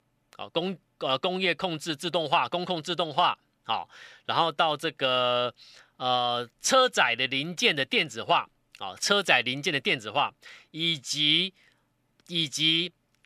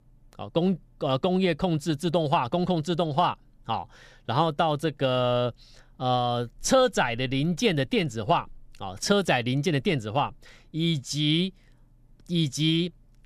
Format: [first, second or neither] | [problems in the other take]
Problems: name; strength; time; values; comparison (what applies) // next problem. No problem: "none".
second | thin; somewhat; fading below 550 Hz